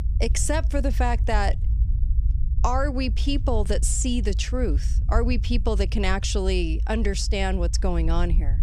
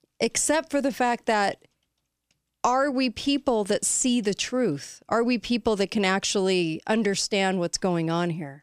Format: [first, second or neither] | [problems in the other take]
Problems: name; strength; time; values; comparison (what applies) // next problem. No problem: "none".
second | low rumble; noticeable; throughout; 20 dB below the speech